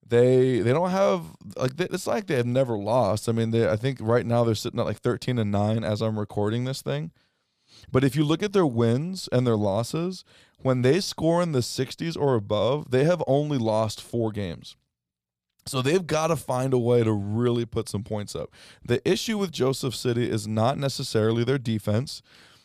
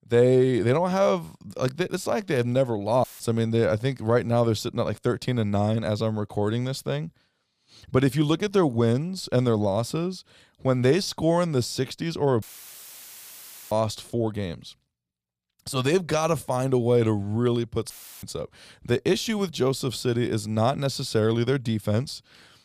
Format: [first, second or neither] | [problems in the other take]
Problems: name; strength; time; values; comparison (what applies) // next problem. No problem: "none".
first | audio cutting out; filled with static; at 3 s, at 12 s for 1.5 s and at 18 s